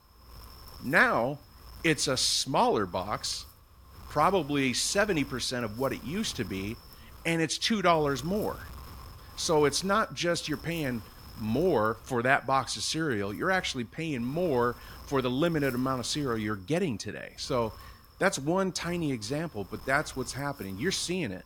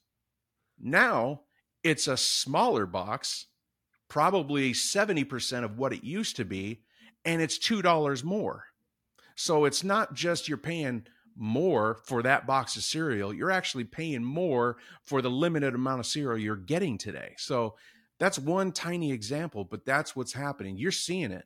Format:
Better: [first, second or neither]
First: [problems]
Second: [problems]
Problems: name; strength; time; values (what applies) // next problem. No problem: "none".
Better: second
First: wind noise on the microphone; occasional gusts; 20 dB below the speech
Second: none